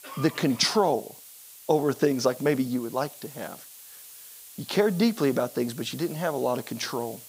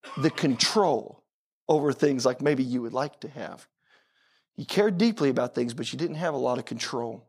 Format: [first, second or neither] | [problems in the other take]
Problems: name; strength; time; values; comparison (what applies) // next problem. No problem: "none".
second | hiss; noticeable; throughout; 20 dB below the speech